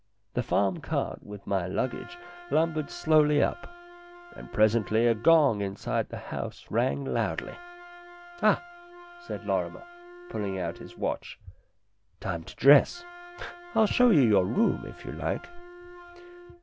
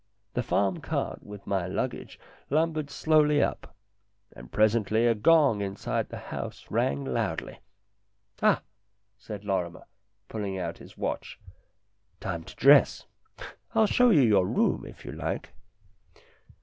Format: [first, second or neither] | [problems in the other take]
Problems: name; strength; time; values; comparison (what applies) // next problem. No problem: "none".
second | background sound (Wind instrument, woodwind instrument); 19 dB below the speech